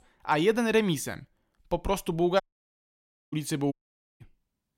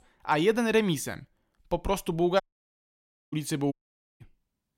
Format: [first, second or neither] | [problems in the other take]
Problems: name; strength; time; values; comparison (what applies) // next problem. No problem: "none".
neither | audio cutting out; at 2.5 s for 1 s and at 3.5 s; the same in both